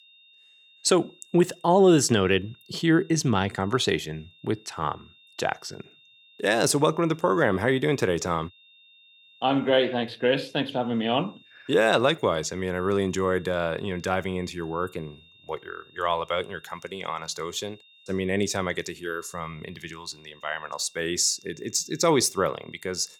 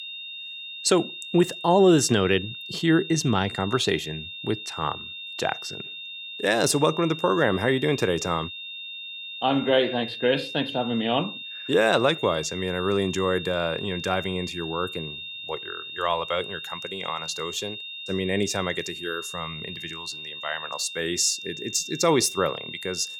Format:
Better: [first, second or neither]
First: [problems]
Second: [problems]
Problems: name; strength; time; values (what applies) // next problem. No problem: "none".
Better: first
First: high-pitched whine; faint; throughout; 3.5 kHz, 30 dB below the speech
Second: high-pitched whine; loud; throughout; 3.5 kHz, 10 dB below the speech